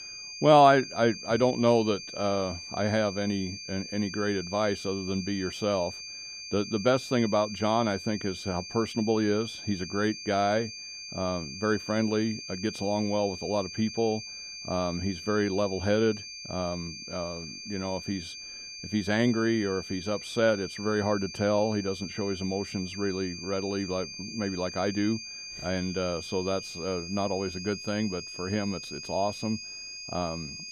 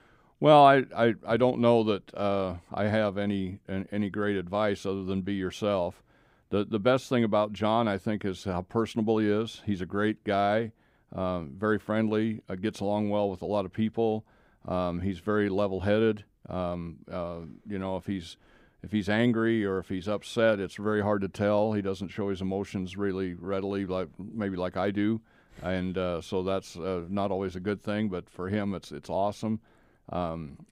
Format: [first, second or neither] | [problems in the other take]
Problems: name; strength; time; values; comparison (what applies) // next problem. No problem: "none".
second | high-pitched whine; loud; throughout; 4.5 kHz, 10 dB below the speech